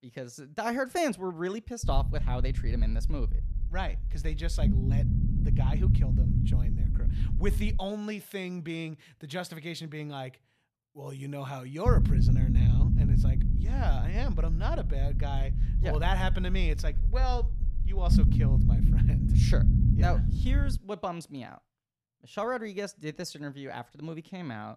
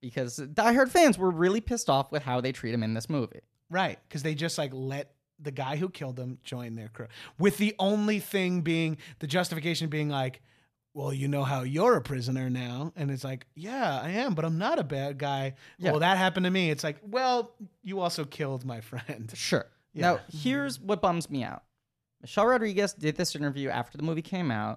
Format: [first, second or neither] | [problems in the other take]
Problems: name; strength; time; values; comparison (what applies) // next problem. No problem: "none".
second | low rumble; loud; from 2 to 8 s and from 12 to 21 s; 5 dB below the speech